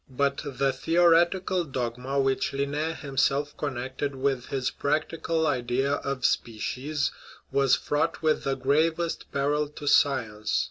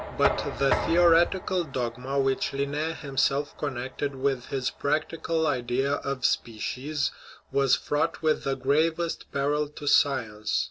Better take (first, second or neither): first